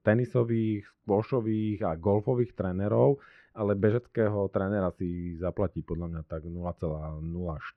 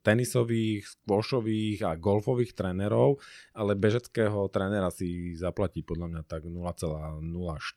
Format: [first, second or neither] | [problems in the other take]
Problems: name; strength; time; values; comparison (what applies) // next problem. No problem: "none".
second | muffled; very; fading above 4 kHz